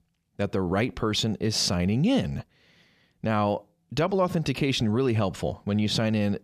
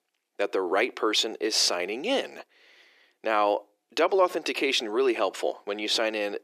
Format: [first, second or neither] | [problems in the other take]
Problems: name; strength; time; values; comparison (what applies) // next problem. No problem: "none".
first | thin; very; fading below 350 Hz